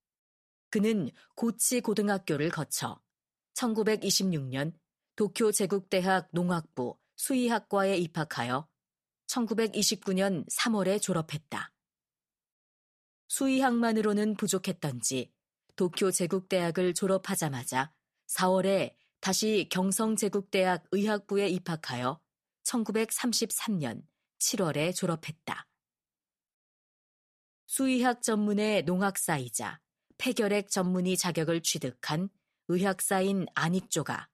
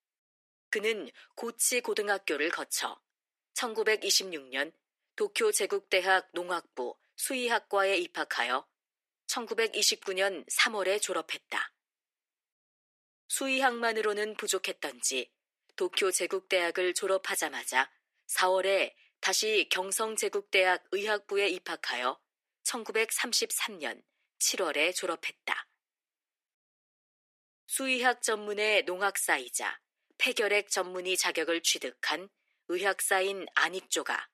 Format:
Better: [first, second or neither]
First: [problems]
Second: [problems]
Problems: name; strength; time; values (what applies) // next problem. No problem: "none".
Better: first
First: none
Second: thin; very; fading below 300 Hz